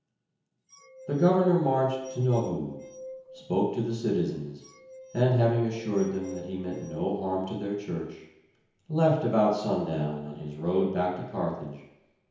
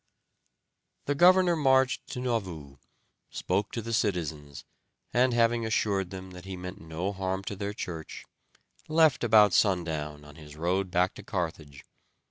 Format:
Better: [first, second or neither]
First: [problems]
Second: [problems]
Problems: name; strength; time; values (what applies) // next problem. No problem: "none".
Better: second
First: background sound (Glass); 17 dB below the speech // room echo; dies away in 1 s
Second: none